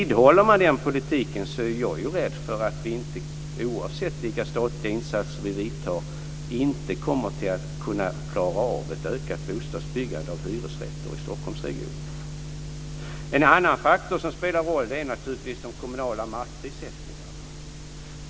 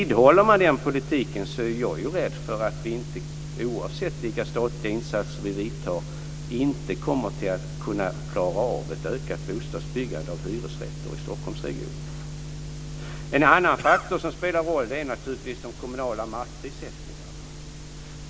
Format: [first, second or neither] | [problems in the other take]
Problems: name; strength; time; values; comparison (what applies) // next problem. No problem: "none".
first | background sound (Cough); 7 dB below the speech